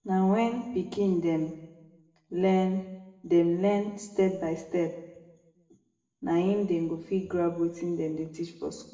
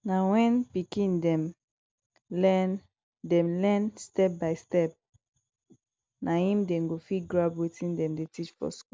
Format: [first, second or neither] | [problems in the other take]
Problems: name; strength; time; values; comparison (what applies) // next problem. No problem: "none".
second | room echo; dies away in 0.9 s